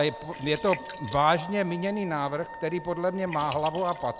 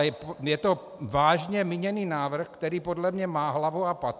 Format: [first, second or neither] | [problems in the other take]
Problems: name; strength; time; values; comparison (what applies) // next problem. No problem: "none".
second | background sound (Wind instrument, woodwind instrument + Liquid); 14 dB below the speech